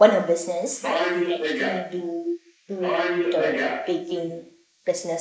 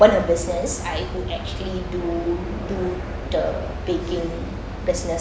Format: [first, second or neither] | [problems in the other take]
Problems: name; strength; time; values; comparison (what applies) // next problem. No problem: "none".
second | noise reduction (neural mask model Resemble Enhance denoiser)